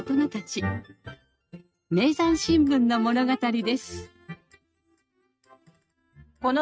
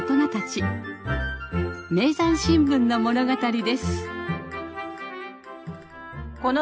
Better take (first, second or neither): second